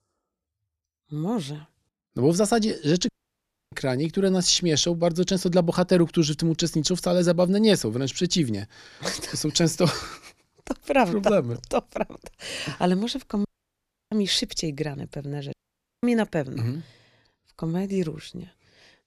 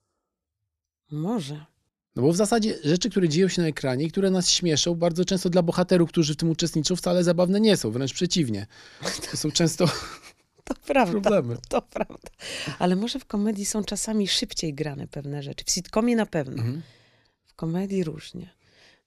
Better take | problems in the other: second | audio cutting out; at 3 s for 0.5 s, at 13 s for 0.5 s and at 16 s for 0.5 s

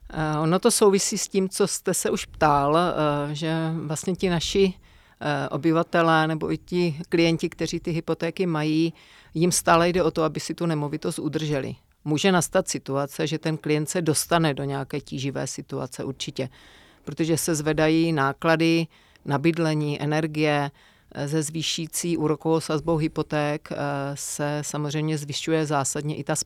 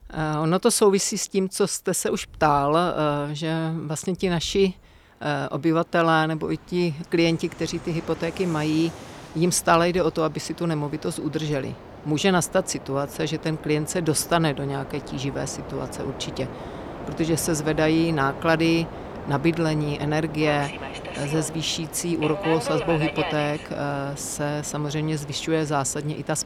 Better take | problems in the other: first | train or aircraft noise; noticeable; throughout; 10 dB below the speech

